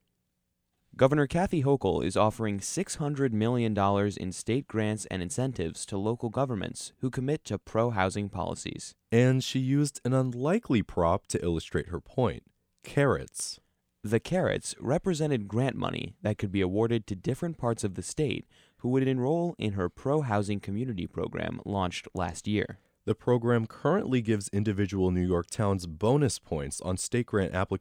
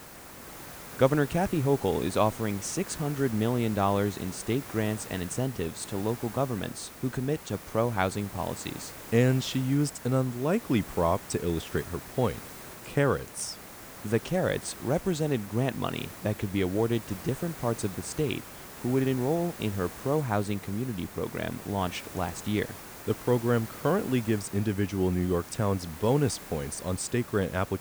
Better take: first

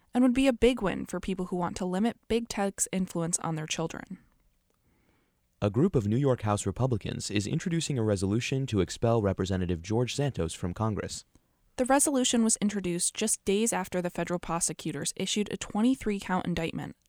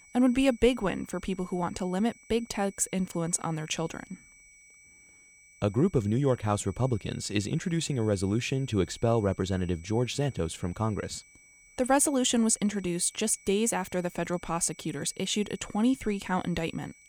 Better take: first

